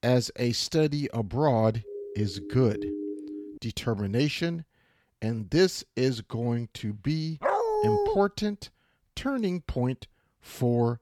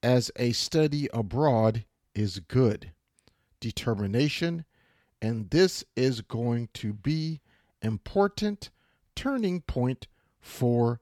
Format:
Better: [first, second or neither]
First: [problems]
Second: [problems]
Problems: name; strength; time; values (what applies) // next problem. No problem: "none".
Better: second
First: siren; noticeable; from 2 to 3.5 s; peak 5 dB below the speech // dog barking; loud; at 7.5 s; peak 3 dB above the speech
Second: none